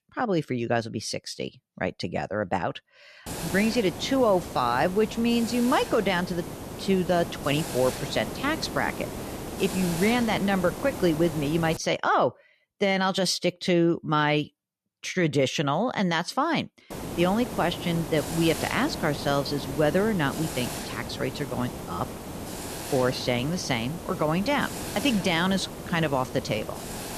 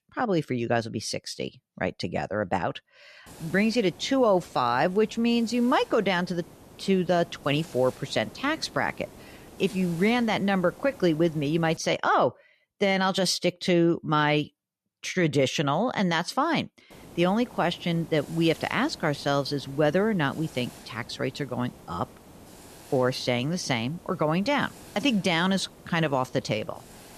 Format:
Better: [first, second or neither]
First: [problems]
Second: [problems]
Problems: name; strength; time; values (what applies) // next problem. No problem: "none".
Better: second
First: hiss; loud; from 3.5 to 12 s and from 17 s on; 9 dB below the speech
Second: hiss; faint; from 3.5 to 12 s and from 17 s on; 20 dB below the speech